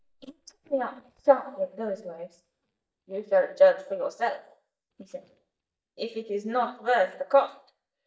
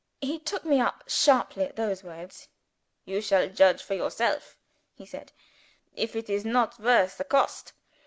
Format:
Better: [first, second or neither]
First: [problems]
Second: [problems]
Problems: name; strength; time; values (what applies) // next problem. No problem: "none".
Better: second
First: noise reduction (neural mask model DeepFilterNet 3)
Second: none